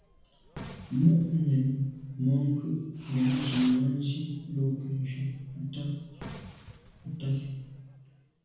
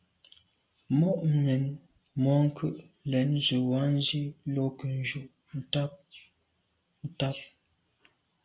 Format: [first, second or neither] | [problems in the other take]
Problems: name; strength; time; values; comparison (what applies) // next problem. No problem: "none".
second | background sound (Fireworks); 18 dB below the speech // room echo; dies away in 1.2 s